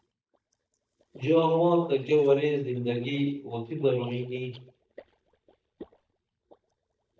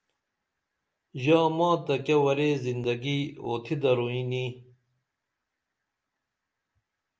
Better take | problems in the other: second | noise reduction (neural mask model DeepFilterNet 3)

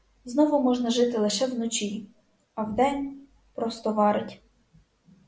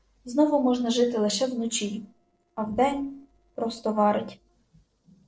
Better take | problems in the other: first | noise reduction (neural separator model SepFormer DNS4)

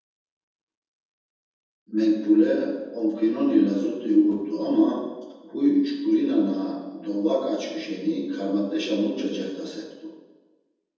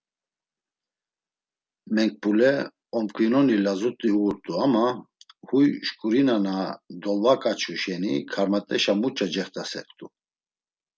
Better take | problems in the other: second | room echo; dies away in 1.1 s

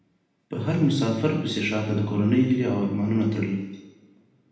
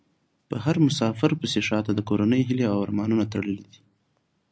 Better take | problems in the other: second | room echo; dies away in 0.9 s

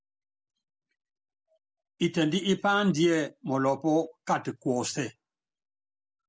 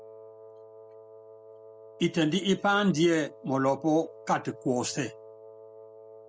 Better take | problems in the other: first | background sound (Wind instrument, woodwind instrument); 19 dB below the speech

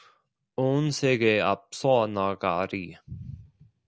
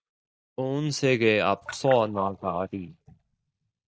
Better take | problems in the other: first | noise reduction (neural mask model DeepFilterNet 3)

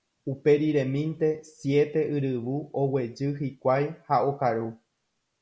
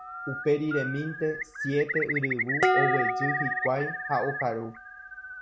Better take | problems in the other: first | background sound (Bird + Dishes, pots, and pans); as loud as the speech

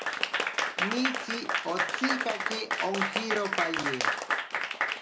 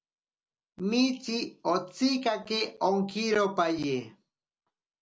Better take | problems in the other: second | background sound (Applause / Crowd); 4 dB above the speech

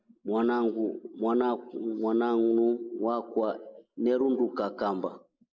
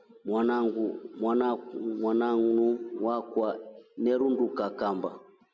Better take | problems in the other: second | noise reduction (neural mask model Resemble Enhance denoiser)

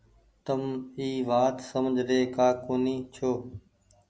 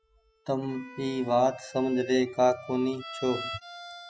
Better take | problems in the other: first | noise reduction (classical method spectral subtraction)

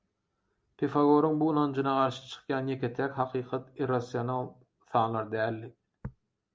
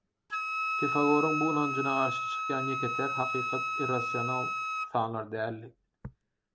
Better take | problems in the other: first | background sound (Wind instrument, woodwind instrument); 1 dB below the speech

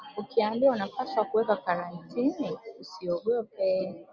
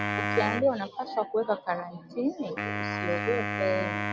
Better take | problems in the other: first | background sound (Wind instrument, woodwind instrument); 3 dB below the speech

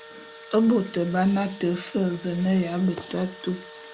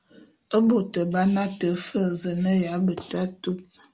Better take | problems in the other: second | background sound (Engine / Drill); 19 dB below the speech

